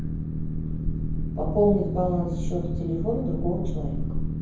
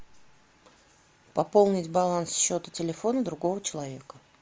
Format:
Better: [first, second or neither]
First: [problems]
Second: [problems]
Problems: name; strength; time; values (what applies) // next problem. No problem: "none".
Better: second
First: background sound (Boat, Water vehicle); 1 dB above the speech // room echo; dies away in 0.9 s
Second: none